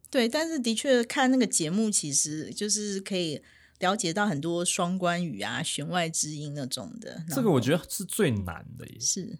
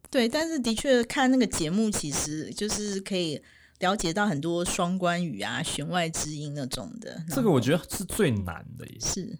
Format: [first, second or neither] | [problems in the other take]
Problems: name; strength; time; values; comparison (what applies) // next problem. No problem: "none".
first | distortion; slight; 7 dB below the speech